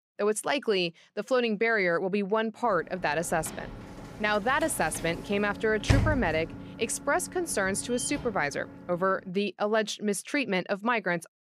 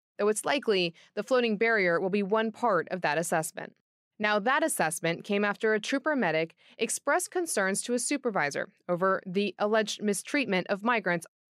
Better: second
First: door banging; loud; at 6 s; peak 2 dB above the speech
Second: none

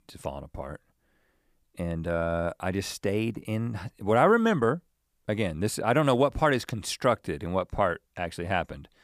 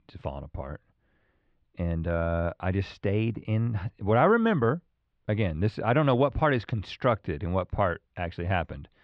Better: first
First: none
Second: muffled; slightly; fading above 3.5 kHz

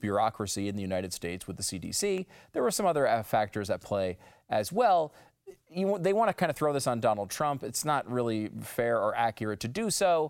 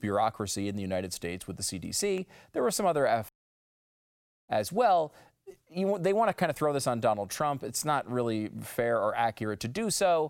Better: first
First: none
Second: audio cutting out; at 3.5 s for 1 s

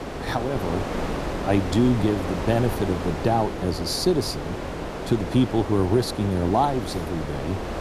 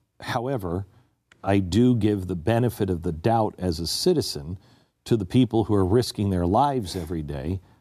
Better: second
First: wind noise on the microphone; heavy; 5 dB below the speech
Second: none

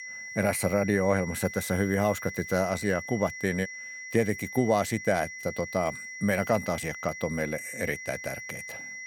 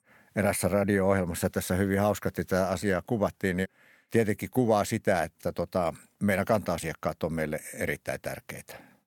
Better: second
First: high-pitched whine; loud; throughout; 2 kHz, 9 dB below the speech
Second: none

